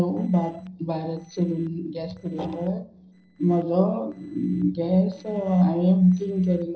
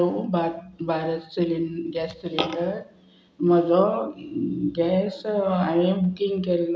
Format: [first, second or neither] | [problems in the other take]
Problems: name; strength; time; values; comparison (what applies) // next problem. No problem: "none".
second | noise reduction (neural separator model SepFormer DNS4)